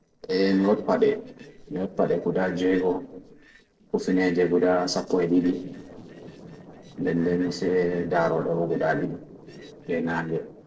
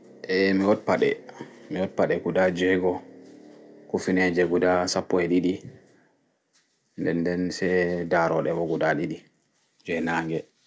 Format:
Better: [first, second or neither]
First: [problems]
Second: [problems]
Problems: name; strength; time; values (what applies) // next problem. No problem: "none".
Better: second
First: noise reduction (neural separator model SepFormer DNS4)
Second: none